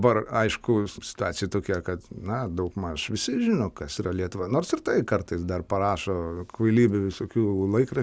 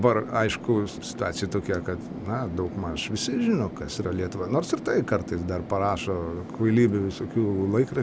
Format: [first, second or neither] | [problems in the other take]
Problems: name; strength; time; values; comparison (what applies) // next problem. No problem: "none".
first | background sound (Fixed-wing aircraft, airplane); 12 dB below the speech